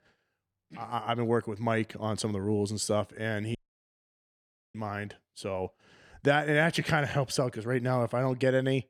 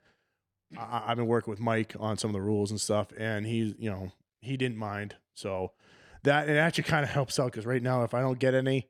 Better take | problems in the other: second | audio cutting out; at 3.5 s for 1 s

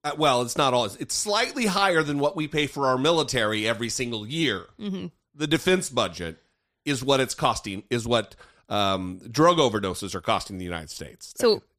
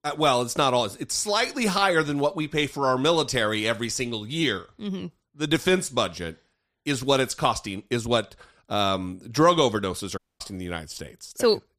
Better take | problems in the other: first | audio cutting out; at 10 s

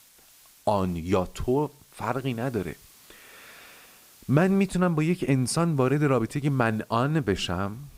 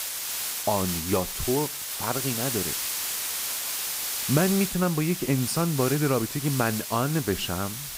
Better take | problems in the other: first | hiss; loud; throughout; 2 dB below the speech; faint in the first

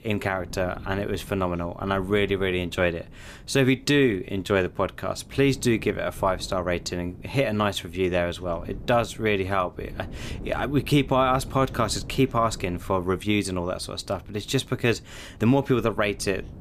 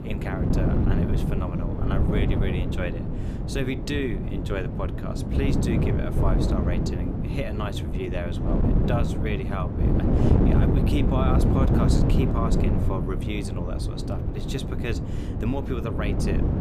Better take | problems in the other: first | wind noise on the microphone; heavy; 1 dB above the speech; occasional gusts in the first

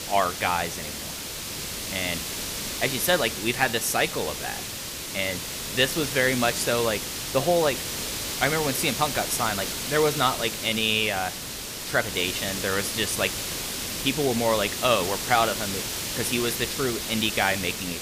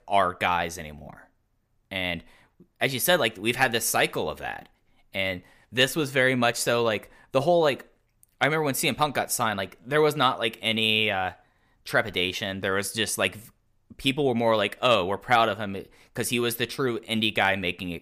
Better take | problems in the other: second | hiss; loud; throughout; 4 dB below the speech

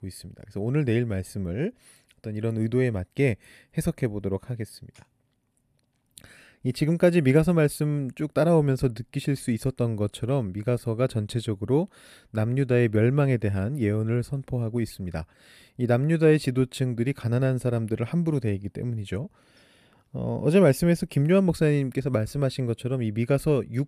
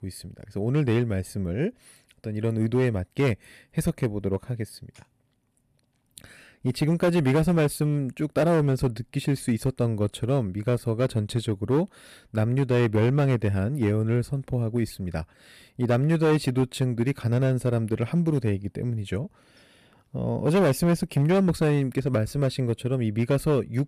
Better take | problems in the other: first | distortion; slight; 6% of the sound clipped

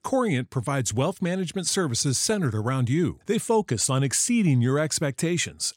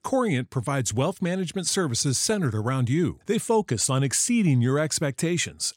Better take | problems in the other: neither | none

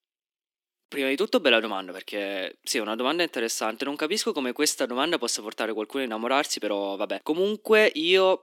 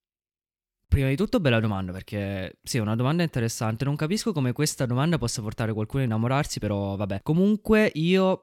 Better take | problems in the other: second | thin; somewhat; fading below 300 Hz

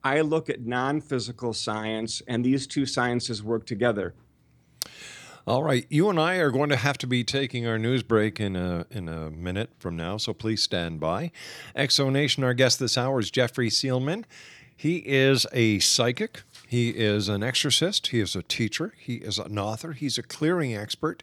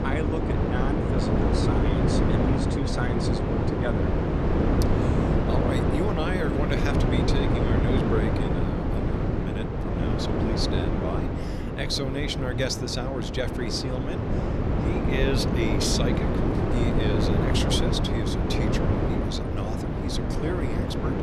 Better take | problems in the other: first | wind noise on the microphone; heavy; 3 dB above the speech

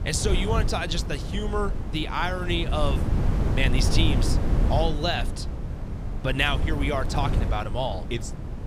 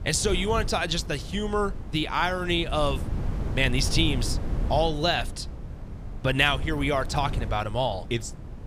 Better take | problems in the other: second | wind noise on the microphone; heavy; 9 dB below the speech; occasional gusts in the second

